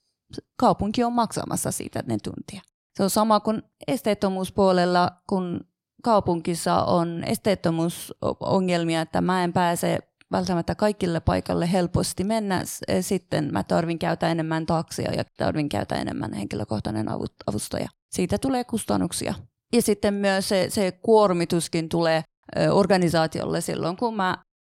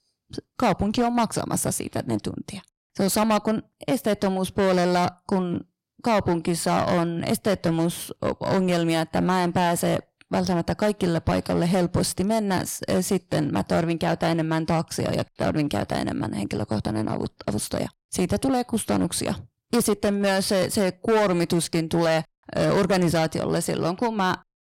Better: first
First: none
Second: distortion; slight; 11% of the sound clipped

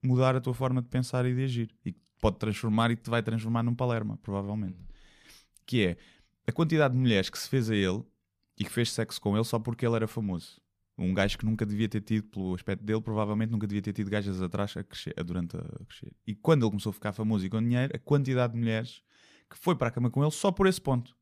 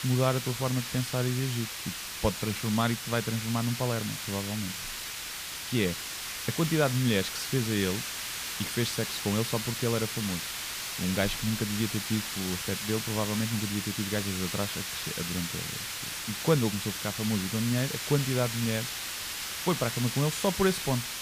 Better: first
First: none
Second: hiss; loud; throughout; 3 dB below the speech

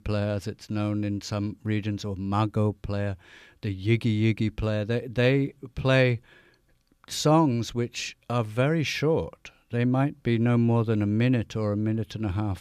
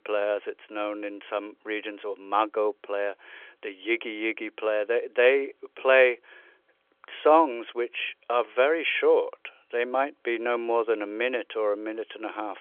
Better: first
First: none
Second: phone-call audio; nothing above 3.5 kHz

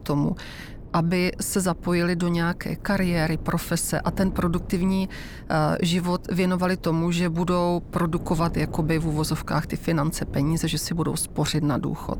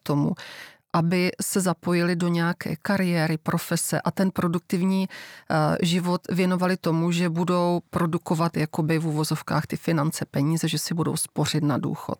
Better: second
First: wind noise on the microphone; occasional gusts; 20 dB below the speech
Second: none

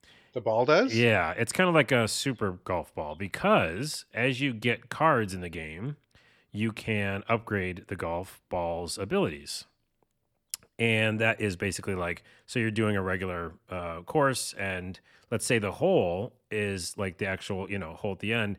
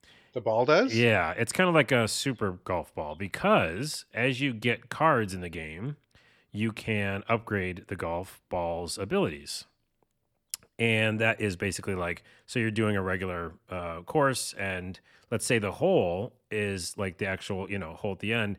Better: neither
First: none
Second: none

